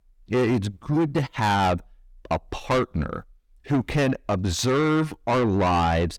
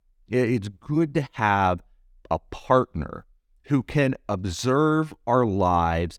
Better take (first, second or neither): second